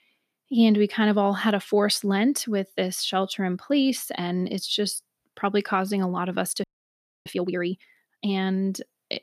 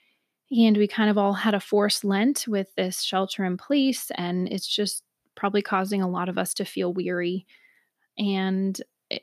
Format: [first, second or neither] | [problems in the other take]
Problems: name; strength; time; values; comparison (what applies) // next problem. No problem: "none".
second | audio freezing; at 6.5 s for 0.5 s